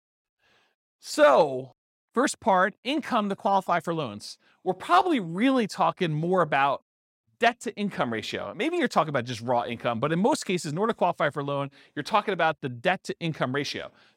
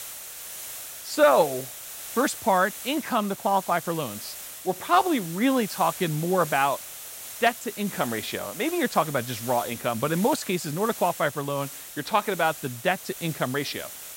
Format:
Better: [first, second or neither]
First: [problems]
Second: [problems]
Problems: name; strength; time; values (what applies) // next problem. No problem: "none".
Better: first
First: none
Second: hiss; noticeable; throughout; 10 dB below the speech